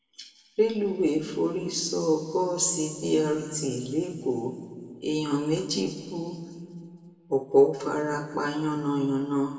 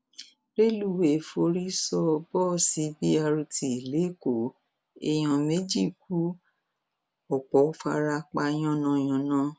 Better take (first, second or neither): second